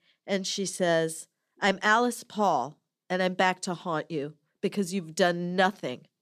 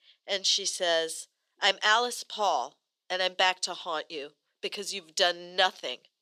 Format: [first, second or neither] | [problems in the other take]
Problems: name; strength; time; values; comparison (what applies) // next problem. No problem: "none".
first | thin; very; fading below 550 Hz